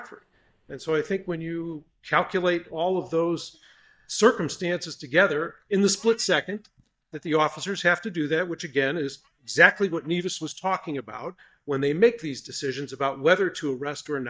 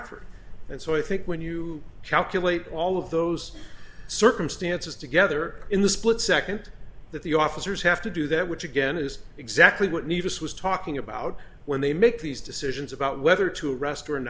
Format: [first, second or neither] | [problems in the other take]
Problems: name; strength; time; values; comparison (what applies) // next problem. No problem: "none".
second | noise reduction (neural mask model DeepFilterNet 3)